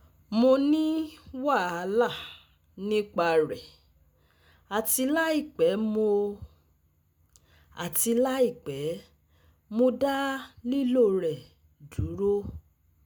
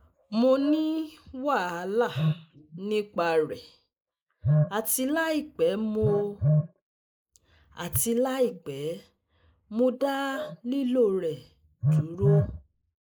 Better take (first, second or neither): first